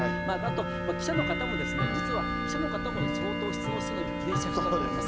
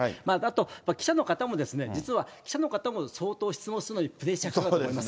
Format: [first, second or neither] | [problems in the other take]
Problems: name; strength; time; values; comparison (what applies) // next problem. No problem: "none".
second | background sound (Tick-tock / Bell); 4 dB above the speech